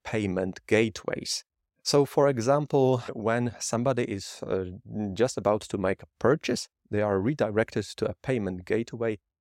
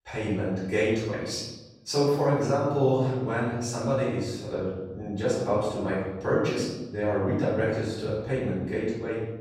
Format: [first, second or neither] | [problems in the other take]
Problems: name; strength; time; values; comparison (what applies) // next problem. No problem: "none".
first | off-mic speech; far // room echo; strong; dies away in 1.1 s